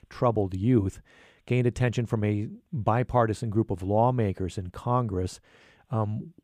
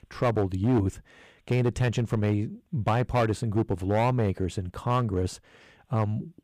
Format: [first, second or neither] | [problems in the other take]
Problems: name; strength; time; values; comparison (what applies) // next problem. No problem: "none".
first | distortion; slight; 6% of the sound clipped